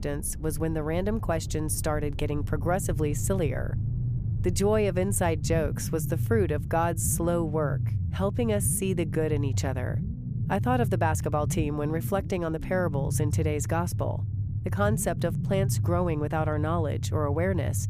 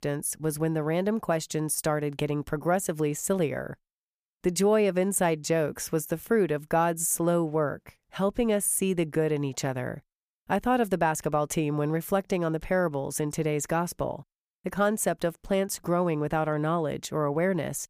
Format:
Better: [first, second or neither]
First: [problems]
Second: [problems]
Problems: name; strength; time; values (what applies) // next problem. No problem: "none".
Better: second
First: low rumble; noticeable; throughout; 15 dB below the speech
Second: none